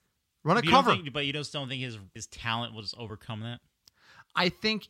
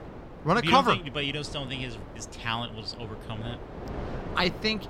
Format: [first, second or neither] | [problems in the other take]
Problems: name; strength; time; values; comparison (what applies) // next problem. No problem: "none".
first | wind noise on the microphone; occasional gusts; 15 dB below the speech